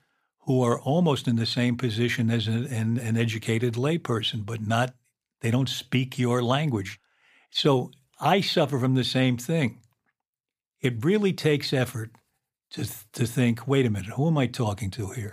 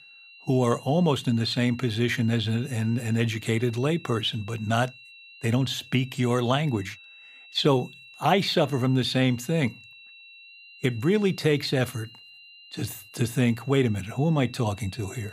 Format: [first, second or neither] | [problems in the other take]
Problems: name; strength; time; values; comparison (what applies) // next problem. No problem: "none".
first | high-pitched whine; faint; throughout; 2.5 kHz, 20 dB below the speech